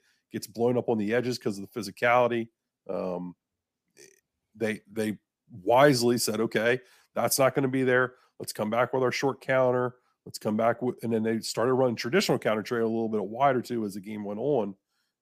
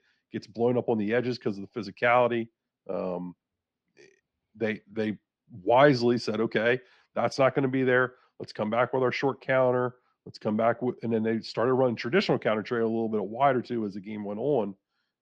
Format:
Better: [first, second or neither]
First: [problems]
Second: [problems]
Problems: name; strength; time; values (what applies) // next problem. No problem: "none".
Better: first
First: none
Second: muffled; very slightly; fading above 4.5 kHz